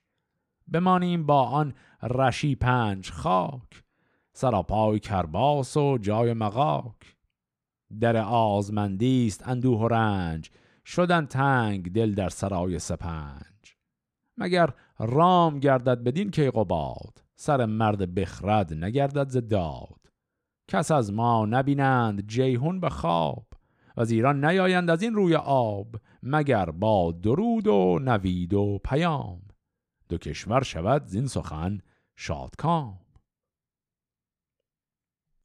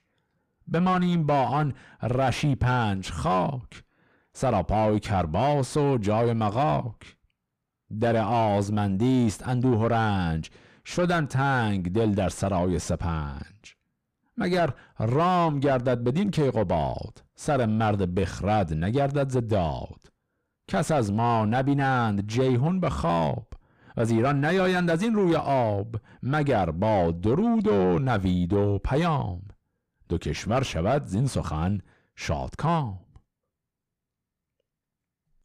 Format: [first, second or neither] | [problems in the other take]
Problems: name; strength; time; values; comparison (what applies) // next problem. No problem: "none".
first | distortion; heavy; 7 dB below the speech